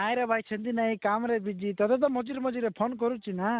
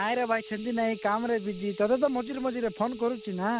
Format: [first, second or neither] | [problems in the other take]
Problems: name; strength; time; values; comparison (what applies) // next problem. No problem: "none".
first | background sound (Telephone + Hiss); 17 dB below the speech